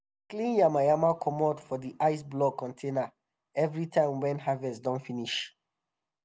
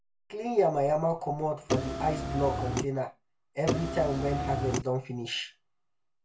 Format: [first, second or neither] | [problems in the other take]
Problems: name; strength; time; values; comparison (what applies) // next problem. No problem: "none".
first | background sound (Car); as loud as the speech // room echo; dies away in 0.2 s